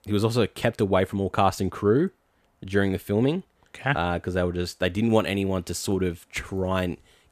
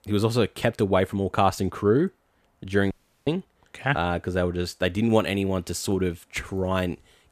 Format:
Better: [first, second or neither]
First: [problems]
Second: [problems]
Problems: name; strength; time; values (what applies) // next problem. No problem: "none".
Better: first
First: none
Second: audio cutting out; at 3 s